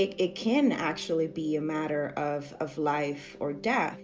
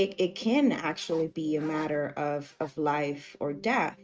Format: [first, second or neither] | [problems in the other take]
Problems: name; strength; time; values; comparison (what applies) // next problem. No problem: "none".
first | noise reduction (neural mask model RNNoise)